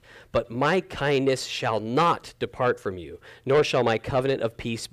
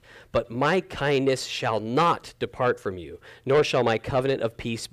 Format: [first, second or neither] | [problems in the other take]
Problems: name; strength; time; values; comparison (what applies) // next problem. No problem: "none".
neither | distortion; slight; 10 dB below the speech; the same in both